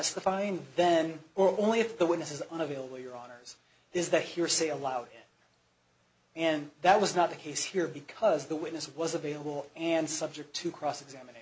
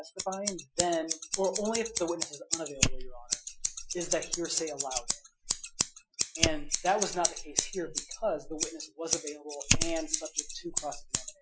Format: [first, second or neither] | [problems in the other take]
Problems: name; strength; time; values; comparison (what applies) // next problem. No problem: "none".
first | noise reduction (classical method Wiener filter)